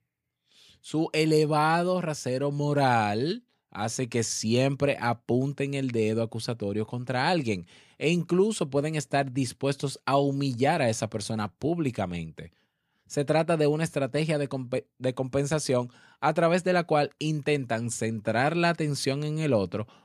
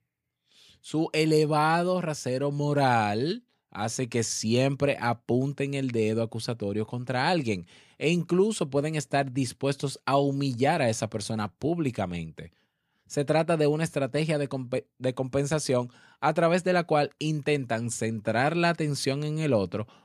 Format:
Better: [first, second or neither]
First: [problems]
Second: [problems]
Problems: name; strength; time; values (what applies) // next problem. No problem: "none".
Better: neither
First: none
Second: none